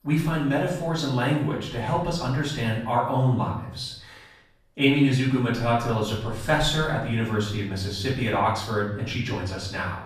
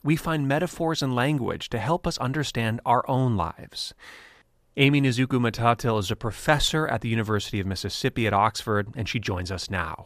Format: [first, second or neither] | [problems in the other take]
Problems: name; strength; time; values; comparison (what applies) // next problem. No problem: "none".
second | off-mic speech; far // room echo; noticeable; dies away in 0.6 s